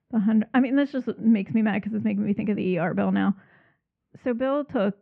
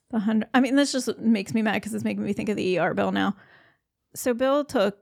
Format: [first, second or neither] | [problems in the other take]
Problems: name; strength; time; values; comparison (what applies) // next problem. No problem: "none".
second | muffled; very; fading above 2.5 kHz